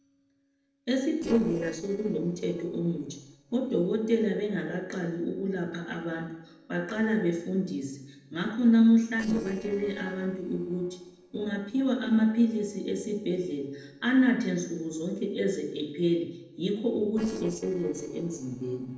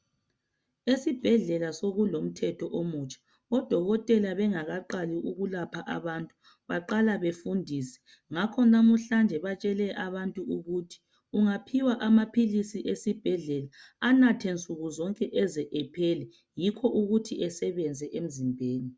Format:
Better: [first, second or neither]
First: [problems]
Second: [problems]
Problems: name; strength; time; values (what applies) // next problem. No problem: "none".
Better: second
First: noise reduction (neural separator model SepFormer DNS4)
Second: none